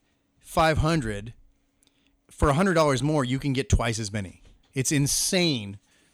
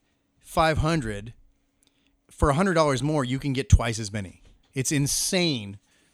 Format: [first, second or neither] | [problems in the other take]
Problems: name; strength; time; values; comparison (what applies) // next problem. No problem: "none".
second | distortion; slight; 1.1% of the sound clipped